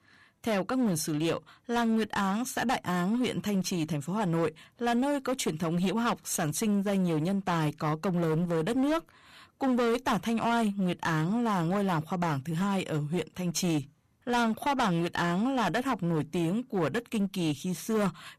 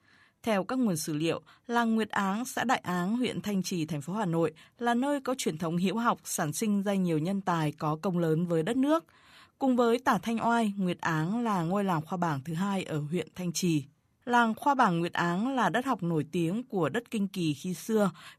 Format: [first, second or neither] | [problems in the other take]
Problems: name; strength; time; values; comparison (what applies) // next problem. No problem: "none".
second | distortion; slight; 16% of the sound clipped